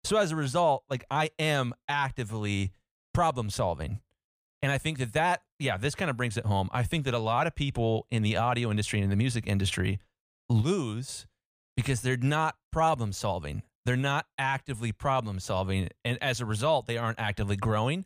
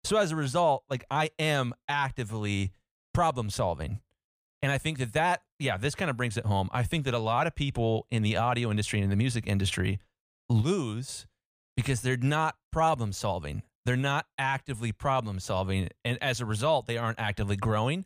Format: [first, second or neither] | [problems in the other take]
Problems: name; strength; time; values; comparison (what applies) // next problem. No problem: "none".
neither | none